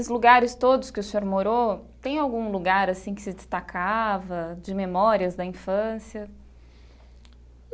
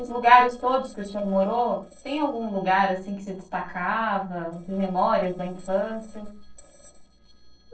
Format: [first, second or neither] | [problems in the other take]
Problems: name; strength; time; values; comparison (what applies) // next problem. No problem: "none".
first | noise reduction (neural separator model SepFormer DNS4)